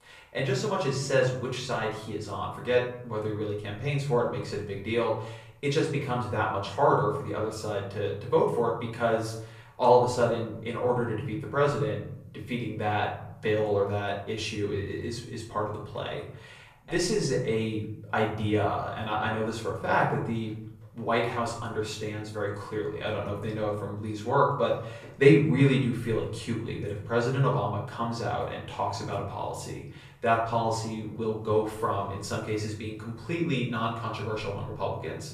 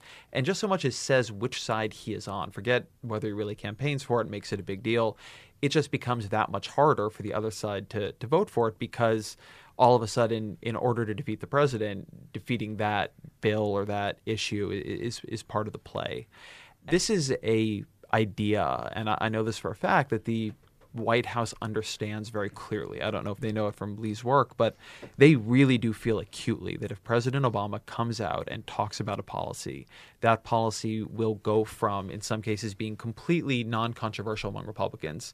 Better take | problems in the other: second | off-mic speech; far // room echo; noticeable; dies away in 0.6 s

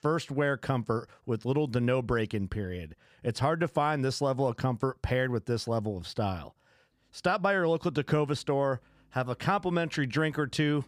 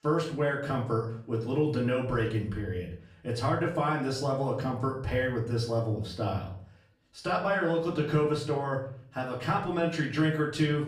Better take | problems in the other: first | off-mic speech; far // room echo; slight; dies away in 0.4 s

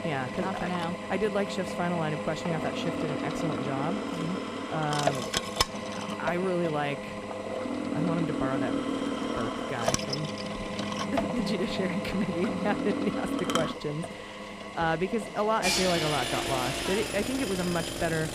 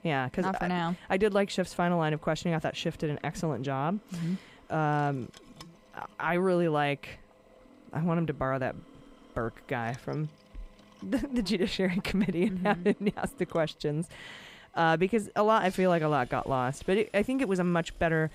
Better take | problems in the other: second | machinery noise; loud; throughout; as loud as the speech; faint in the second

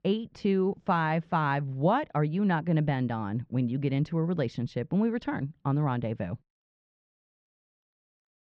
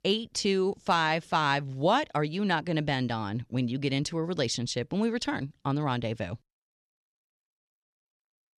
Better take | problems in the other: second | muffled; very; fading above 2 kHz

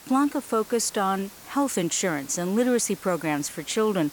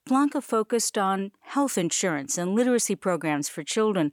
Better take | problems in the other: second | hiss; noticeable; throughout; 20 dB below the speech

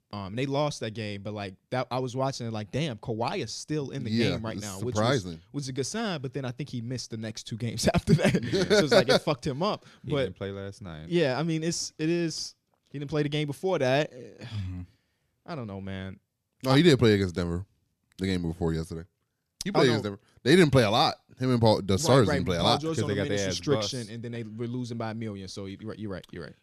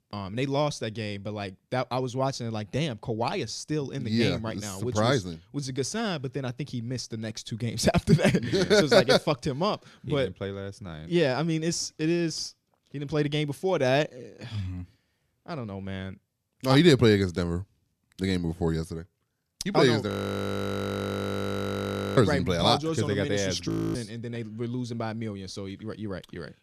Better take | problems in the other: first | audio freezing; at 20 s for 2 s and at 24 s

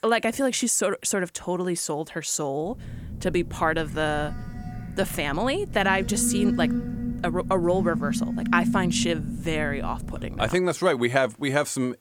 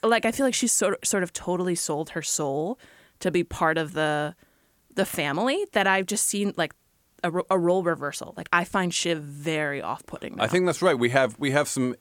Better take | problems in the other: second | phone ringing; loud; from 2.5 to 11 s; peak 2 dB above the speech

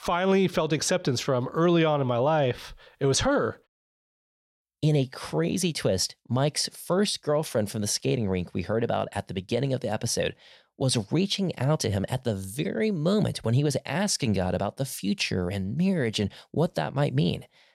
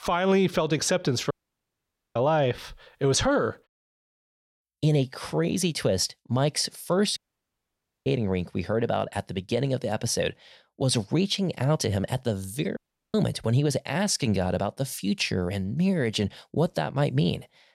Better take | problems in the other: first | audio cutting out; at 1.5 s for 1 s, at 7 s for 1 s and at 13 s

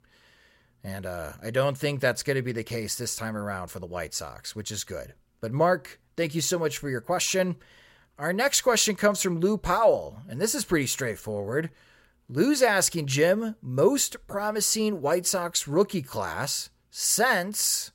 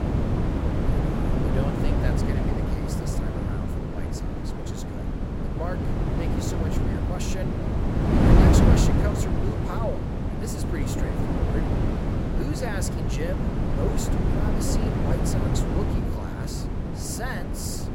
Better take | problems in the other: first | wind noise on the microphone; heavy; 5 dB above the speech

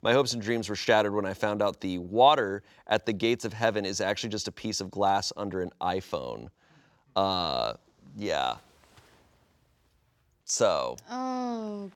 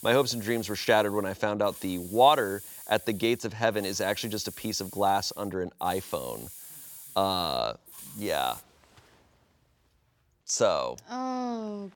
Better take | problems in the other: first | hiss; noticeable; until 8.5 s; 15 dB below the speech

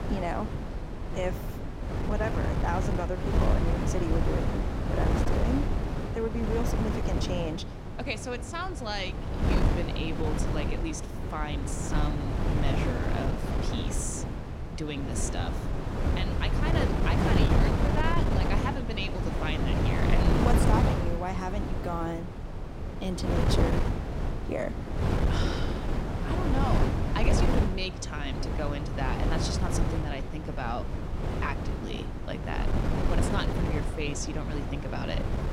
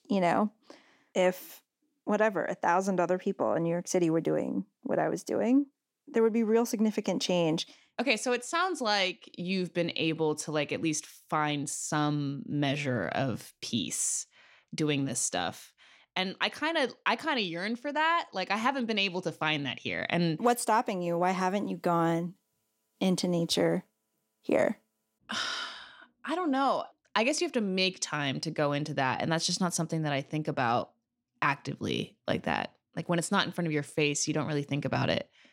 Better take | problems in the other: second | wind noise on the microphone; heavy; as loud as the speech

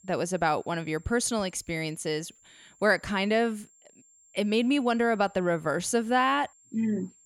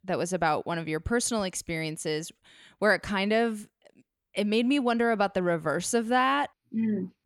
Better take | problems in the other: second | high-pitched whine; faint; throughout; 7.5 kHz, 30 dB below the speech

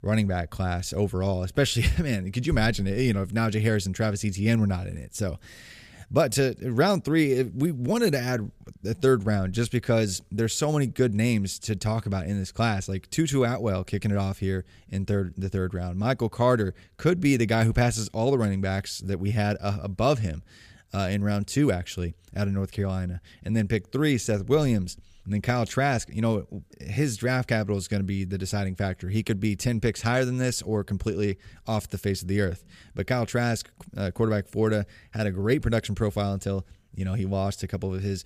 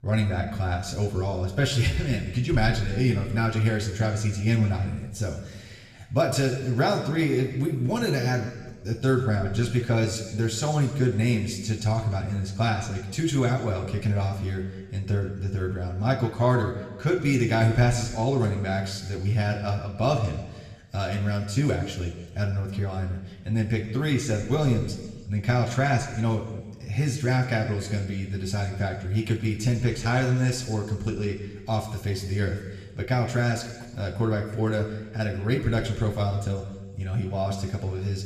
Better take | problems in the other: first | room echo; slight; dies away in 1.3 s // off-mic speech; somewhat distant

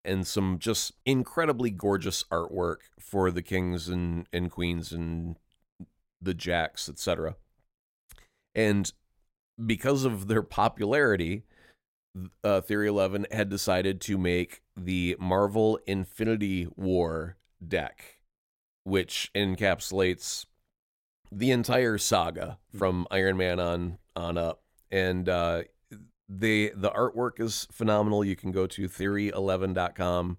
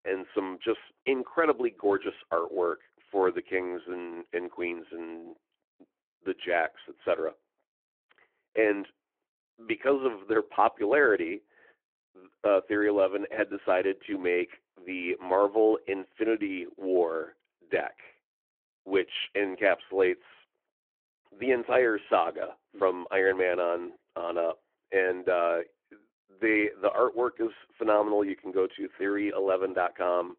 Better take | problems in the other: first | phone-call audio

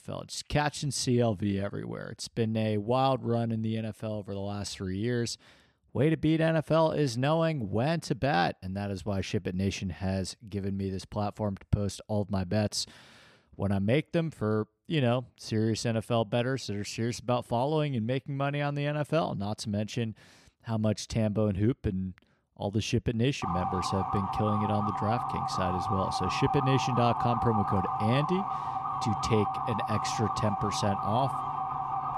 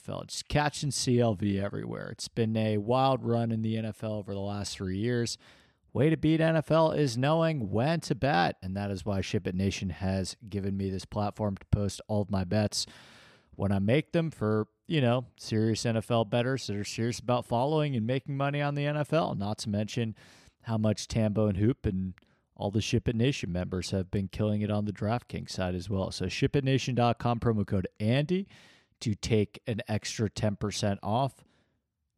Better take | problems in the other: second | siren; noticeable; from 23 s on; peak level with the speech

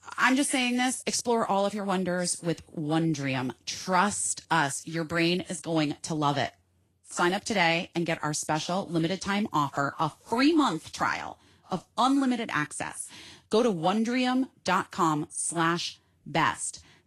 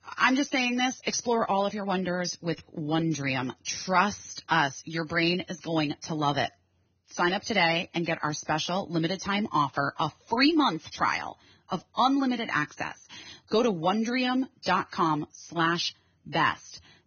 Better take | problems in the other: first | garbled, watery; badly; nothing above 6.5 kHz; slightly in the first

